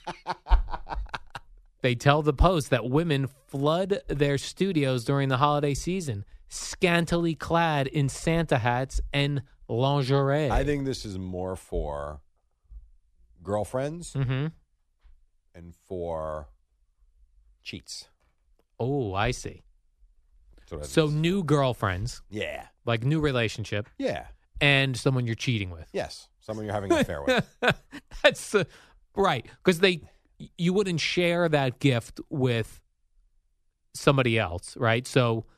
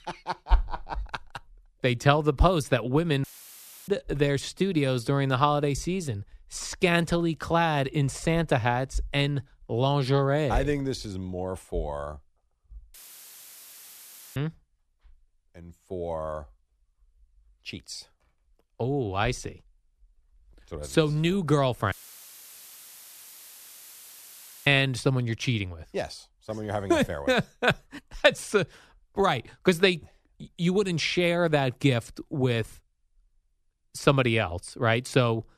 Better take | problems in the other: first | audio cutting out; filled with static; at 3 s for 0.5 s, at 13 s for 1.5 s and at 22 s for 2.5 s

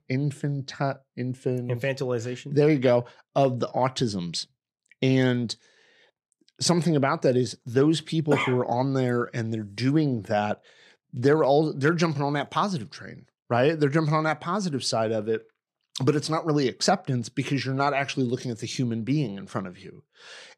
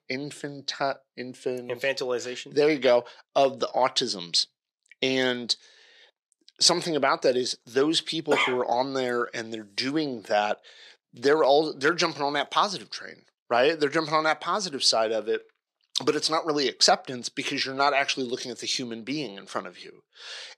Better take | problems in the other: first | thin; somewhat; fading below 400 Hz

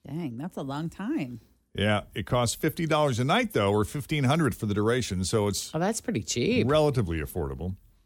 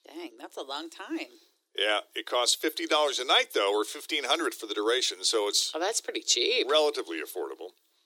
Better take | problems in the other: first | thin; very; fading below 350 Hz

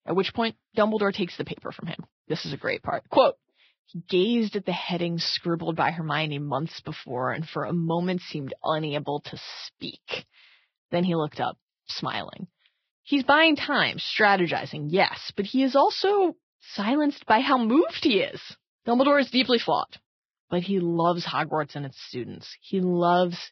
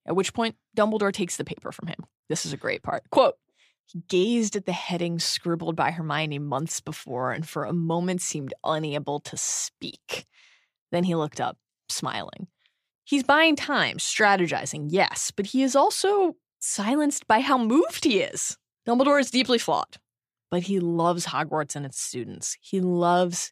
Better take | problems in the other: second | garbled, watery; badly; nothing above 5.5 kHz

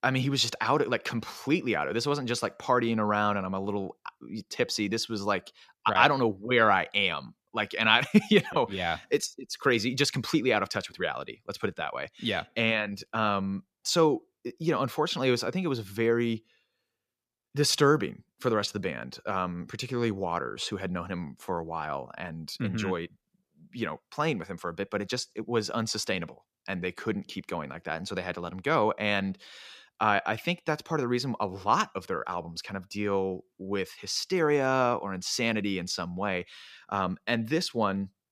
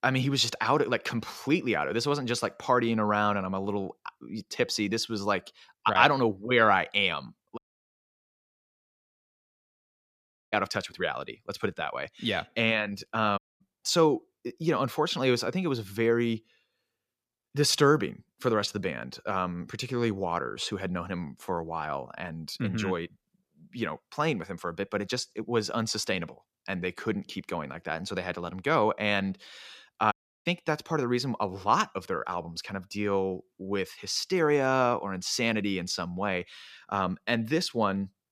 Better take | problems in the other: first | audio cutting out; at 7.5 s for 3 s, at 13 s and at 30 s

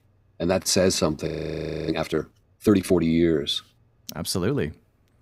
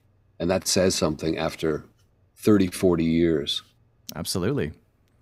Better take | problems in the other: second | audio freezing; at 1.5 s for 0.5 s

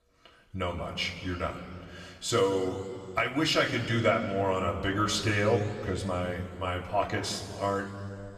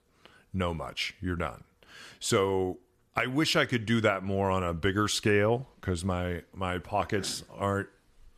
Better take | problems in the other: second | room echo; slight; dies away in 2.1 s // off-mic speech; somewhat distant

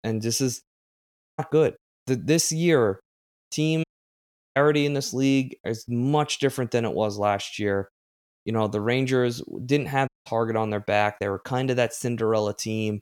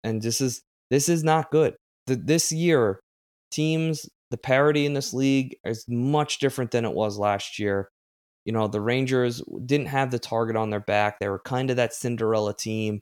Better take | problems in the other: second | audio cutting out; at 0.5 s for 0.5 s, at 4 s for 0.5 s and at 10 s

